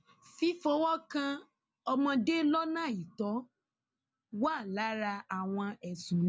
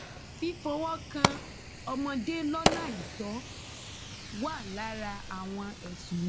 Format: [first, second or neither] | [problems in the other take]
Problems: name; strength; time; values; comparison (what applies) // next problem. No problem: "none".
first | background sound (Fire); as loud as the speech